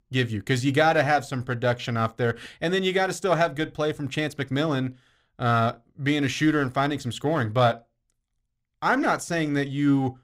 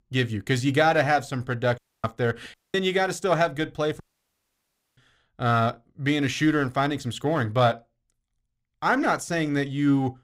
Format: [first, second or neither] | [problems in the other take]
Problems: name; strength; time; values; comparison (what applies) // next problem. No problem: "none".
first | audio cutting out; at 2 s, at 2.5 s and at 4 s for 1 s